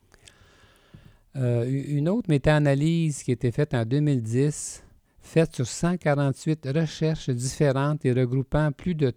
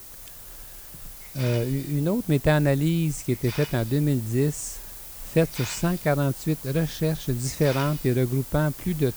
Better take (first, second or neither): first